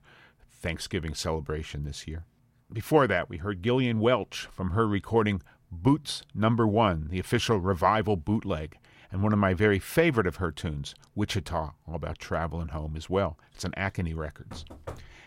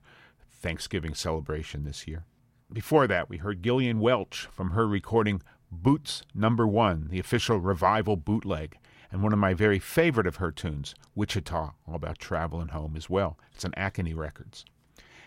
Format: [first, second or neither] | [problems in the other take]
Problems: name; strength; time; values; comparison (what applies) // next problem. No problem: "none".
second | door banging; faint; at 15 s; peak 15 dB below the speech